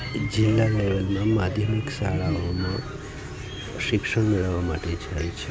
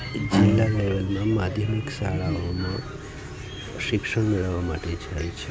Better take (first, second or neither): first